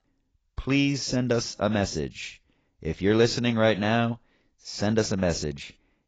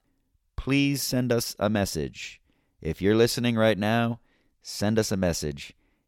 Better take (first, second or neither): second